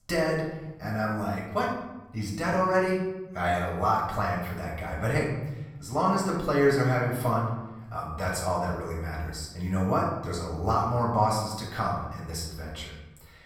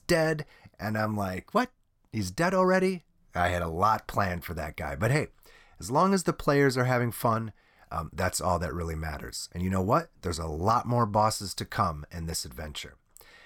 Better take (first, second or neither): second